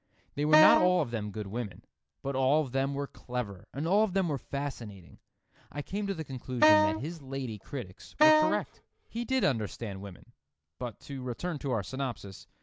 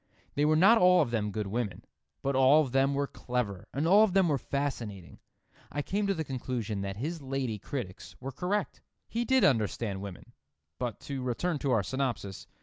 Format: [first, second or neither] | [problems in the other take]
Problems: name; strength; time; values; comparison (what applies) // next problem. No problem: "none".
second | background sound (Wind instrument, woodwind instrument); 4 dB above the speech